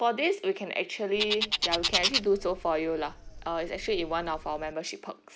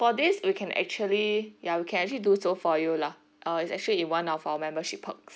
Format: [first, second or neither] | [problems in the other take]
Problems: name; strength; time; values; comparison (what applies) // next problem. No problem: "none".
second | background sound (Bird); 3 dB below the speech